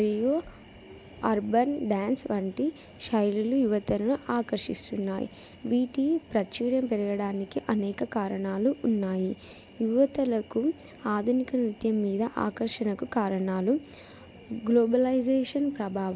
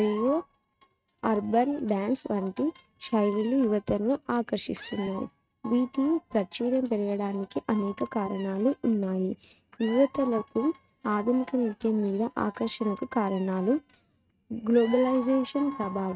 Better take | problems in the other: first | noise reduction (neural mask model RNNoise)

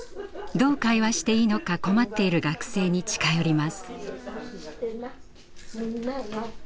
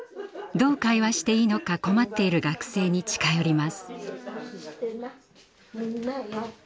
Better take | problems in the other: second | background sound (Chewing, mastication); 13 dB below the speech

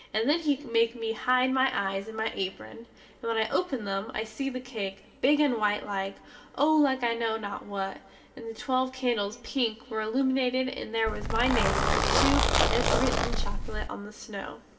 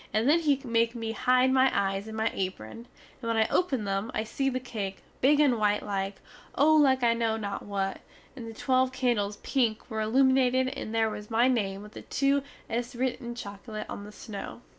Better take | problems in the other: second | background sound (Zipper (clothing)); 4 dB above the speech // room echo; dies away in 2.8 s

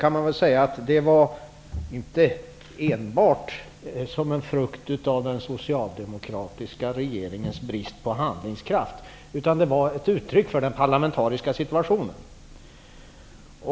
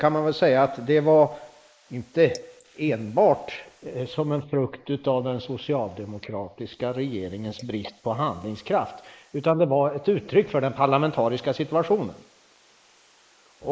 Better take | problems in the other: first | noise reduction (neural mask model Resemble Enhance denoiser)

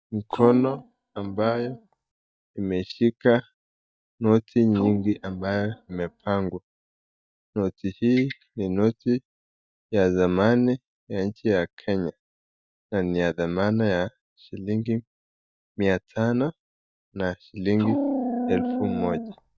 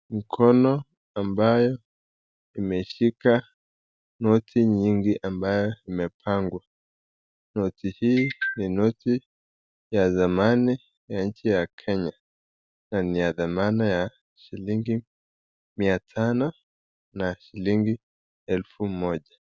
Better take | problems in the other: second | noise reduction (neural mask model DeepFilterNet 3)

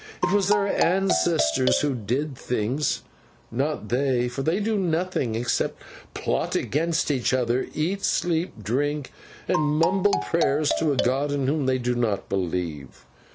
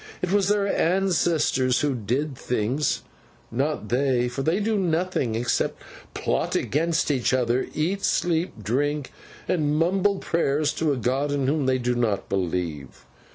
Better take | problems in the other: second | background sound (Marimba, xylophone); 5 dB below the speech

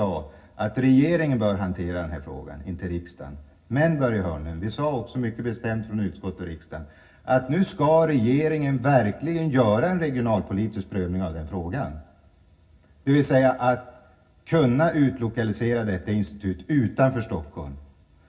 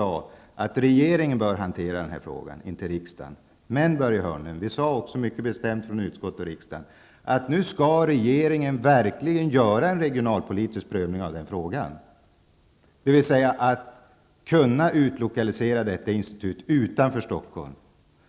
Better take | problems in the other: second | room echo; dies away in 0.4 s

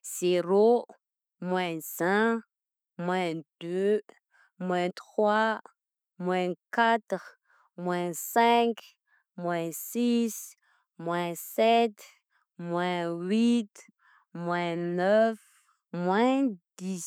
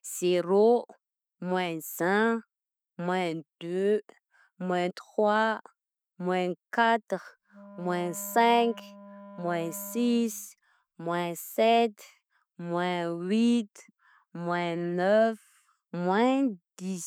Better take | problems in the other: first | background sound (Wind instrument, woodwind instrument); 18 dB below the speech

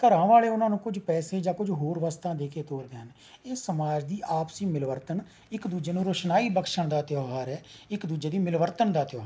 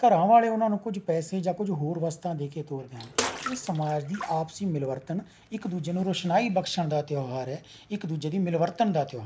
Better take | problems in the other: first | background sound (Bathtub (filling or washing) / Water / Splash, splatter); 8 dB below the speech

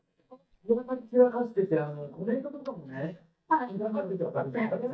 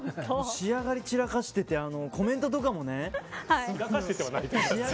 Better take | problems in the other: second | noise reduction (neural mask model DeepFilterNet 3)

